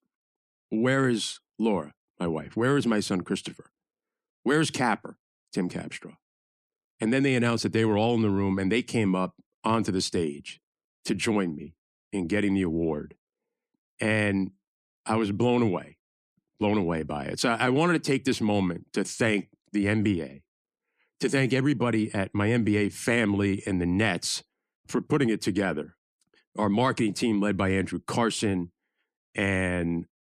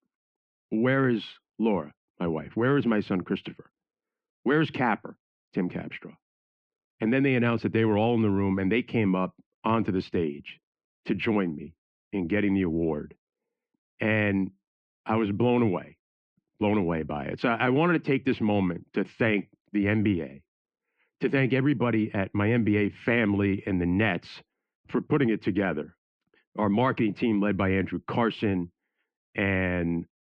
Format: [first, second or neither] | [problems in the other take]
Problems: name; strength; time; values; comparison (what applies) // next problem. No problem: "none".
first | muffled; very; fading above 2.5 kHz